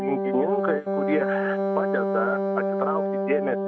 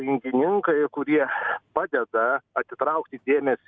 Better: second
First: noise reduction (neural mask model RNNoise)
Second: none

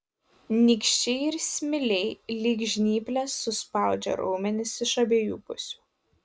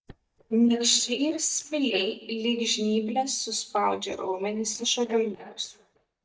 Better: first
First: none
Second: noise reduction (neural mask model DeepFilterNet 3)

